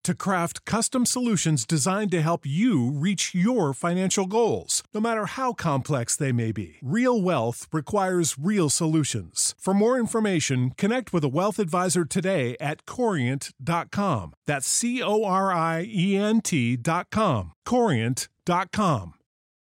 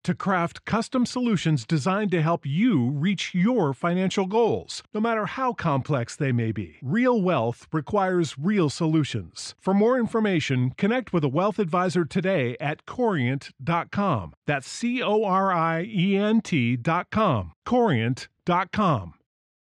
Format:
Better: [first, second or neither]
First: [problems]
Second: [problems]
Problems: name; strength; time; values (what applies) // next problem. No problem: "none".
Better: first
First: none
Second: muffled; slightly; fading above 3 kHz